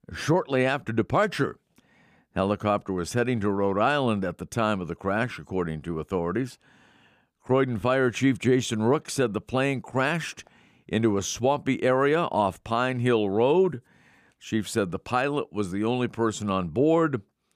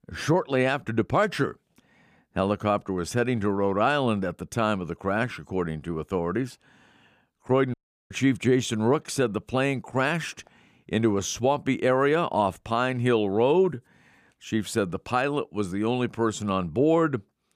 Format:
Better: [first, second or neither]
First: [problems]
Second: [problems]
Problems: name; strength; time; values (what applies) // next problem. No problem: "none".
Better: first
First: none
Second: audio cutting out; at 7.5 s